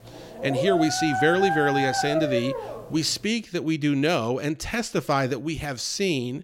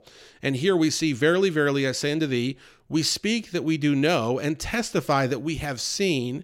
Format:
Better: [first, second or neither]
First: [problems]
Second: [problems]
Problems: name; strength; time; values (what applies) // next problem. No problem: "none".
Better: second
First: dog barking; noticeable; until 3 s; peak level with the speech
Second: none